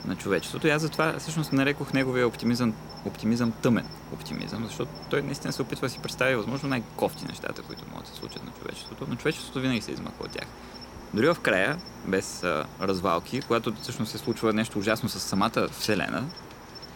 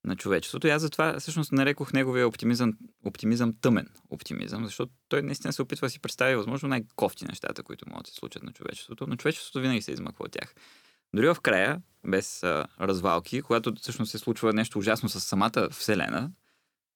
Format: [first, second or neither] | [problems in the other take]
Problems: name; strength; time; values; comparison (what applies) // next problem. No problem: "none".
second | animal sounds; noticeable; throughout; 15 dB below the speech